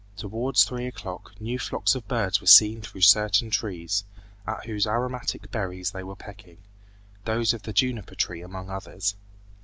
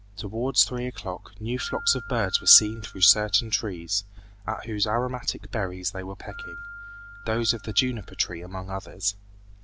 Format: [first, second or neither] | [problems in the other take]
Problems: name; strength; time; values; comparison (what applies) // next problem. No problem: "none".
first | background sound (Keyboard (musical)); 19 dB below the speech